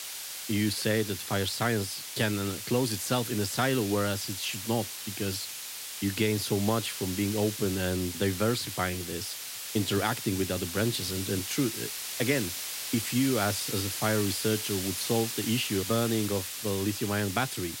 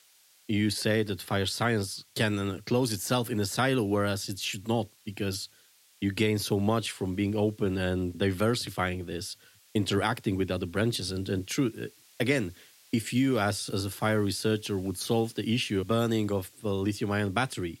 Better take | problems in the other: second | hiss; loud; throughout; 5 dB below the speech; faint in the second

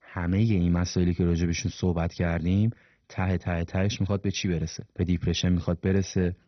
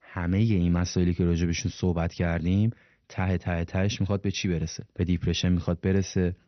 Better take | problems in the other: second | garbled, watery; badly; nothing above 6 kHz; slightly in the second

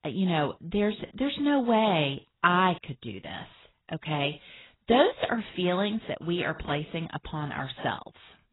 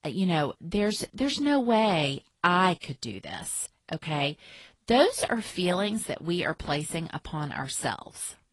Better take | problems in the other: second | garbled, watery; badly; nothing above 4 kHz; slightly in the second

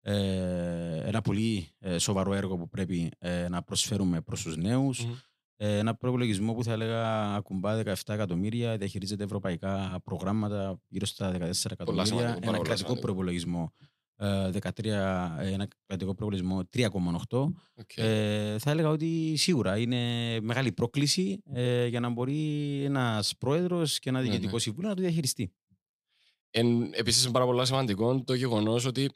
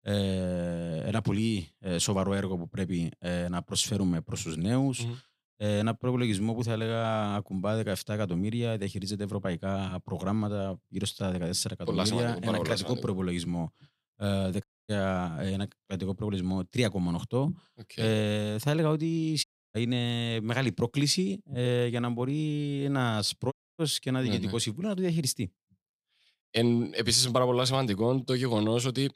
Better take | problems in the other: first | audio cutting out; at 15 s, at 19 s and at 24 s

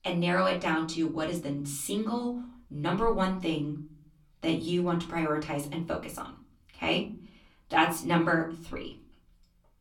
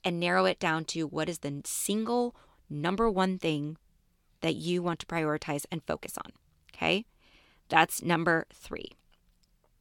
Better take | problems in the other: second | off-mic speech; far // room echo; very slight; dies away in 0.5 s

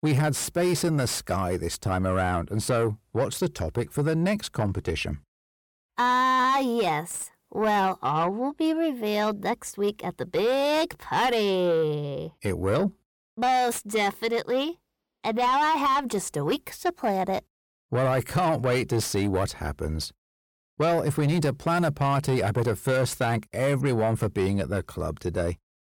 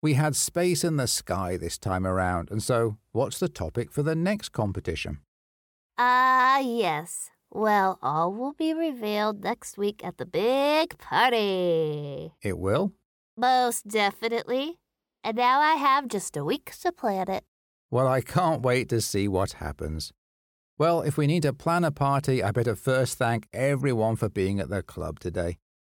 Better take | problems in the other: second | distortion; slight; 10 dB below the speech

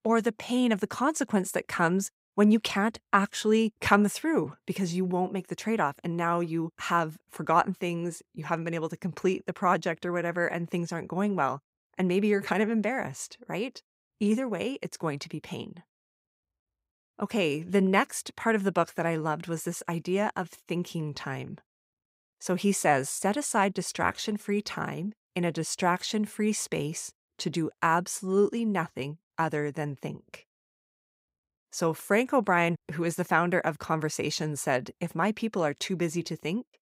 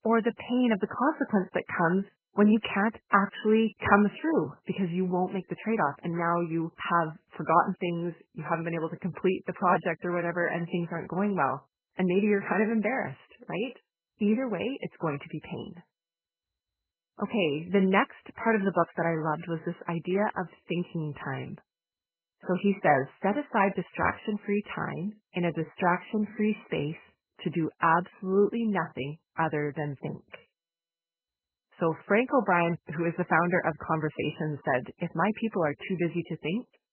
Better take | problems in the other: first | garbled, watery; badly; nothing above 3 kHz

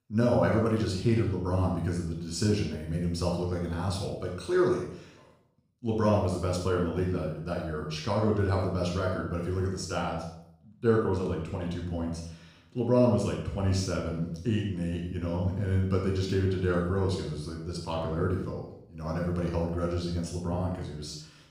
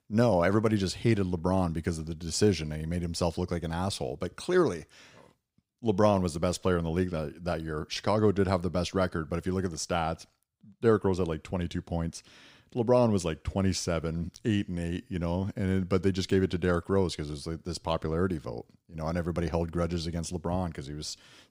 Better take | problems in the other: second | room echo; noticeable; dies away in 0.6 s // off-mic speech; far

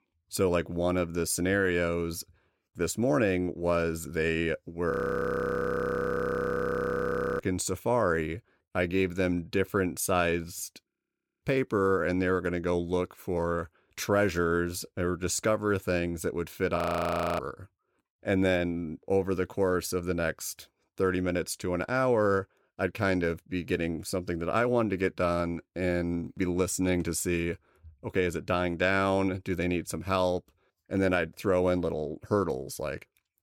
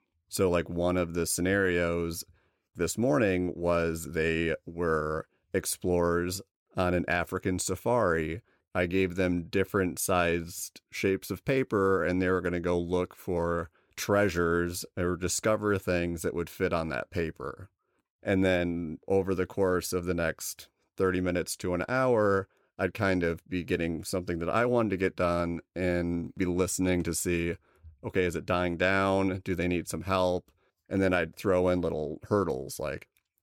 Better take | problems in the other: second | audio freezing; at 5 s for 2.5 s, at 11 s for 0.5 s and at 17 s for 0.5 s

